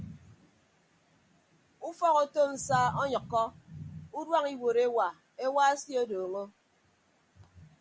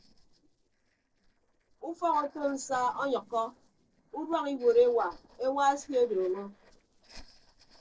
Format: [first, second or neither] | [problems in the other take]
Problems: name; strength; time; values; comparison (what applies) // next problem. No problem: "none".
first | noise reduction (neural separator model SepFormer DNS4)